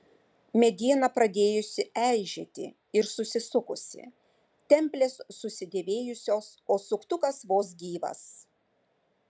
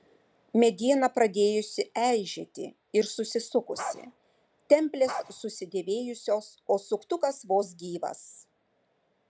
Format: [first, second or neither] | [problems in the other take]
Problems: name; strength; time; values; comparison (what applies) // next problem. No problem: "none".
first | background sound (Bark); 12 dB below the speech